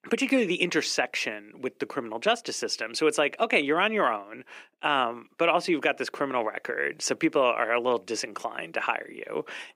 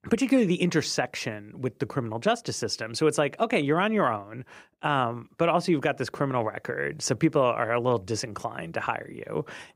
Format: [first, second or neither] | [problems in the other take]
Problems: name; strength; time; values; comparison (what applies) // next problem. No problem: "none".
second | thin; very slightly; fading below 250 Hz